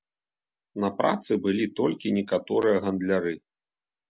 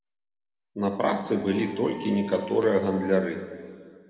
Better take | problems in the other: first | background sound (Dog); 18 dB below the speech // room echo; dies away in 2 s

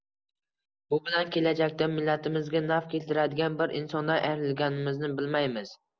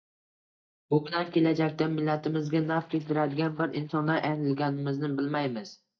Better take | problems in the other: first | noise reduction (neural mask model DeepFilterNet 3)

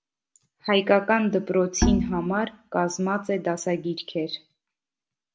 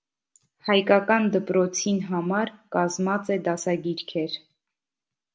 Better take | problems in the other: second | background sound (Bowed string instrument); 1 dB below the speech

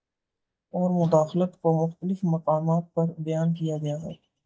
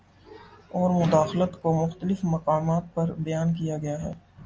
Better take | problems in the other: second | noise reduction (neural mask model DeepFilterNet 3)

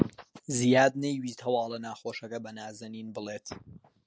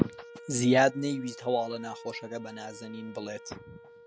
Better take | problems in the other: first | background sound (Wind instrument, woodwind instrument); 17 dB below the speech

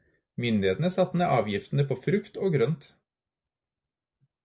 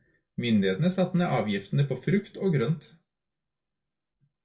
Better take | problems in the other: first | room echo; dies away in 0.2 s

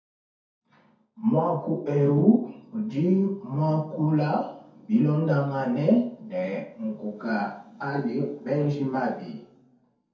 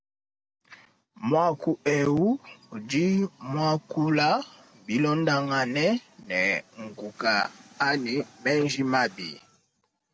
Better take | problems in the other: second | room echo; dies away in 0.6 s

